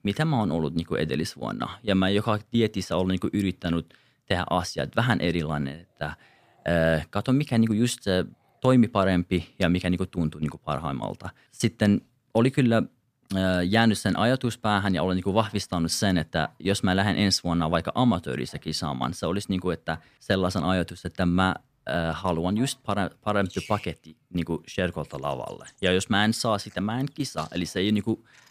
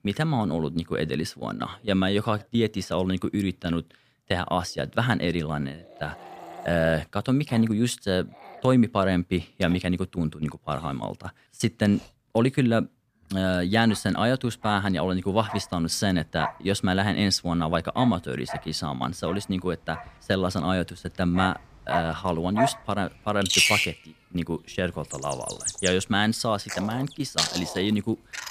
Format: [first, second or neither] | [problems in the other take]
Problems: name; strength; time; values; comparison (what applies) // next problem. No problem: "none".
first | animal sounds; loud; throughout; 3 dB below the speech; faint in the first